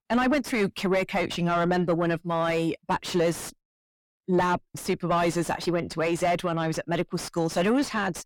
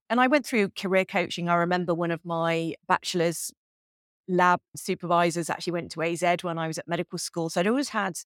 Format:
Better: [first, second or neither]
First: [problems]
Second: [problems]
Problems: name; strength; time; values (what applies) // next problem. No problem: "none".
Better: second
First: distortion; heavy; 5 dB below the speech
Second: none